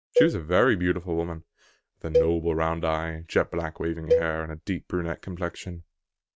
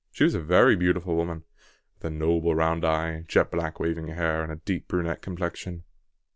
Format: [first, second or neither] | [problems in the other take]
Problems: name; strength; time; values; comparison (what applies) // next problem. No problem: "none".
second | noise reduction (neural mask model RNNoise)